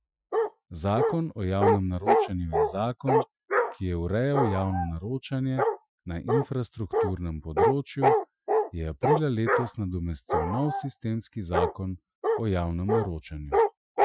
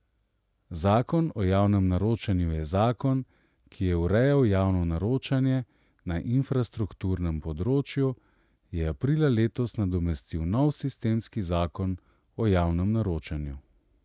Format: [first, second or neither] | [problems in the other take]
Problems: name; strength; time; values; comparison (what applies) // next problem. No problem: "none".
second | noise reduction (classical method Wiener filter)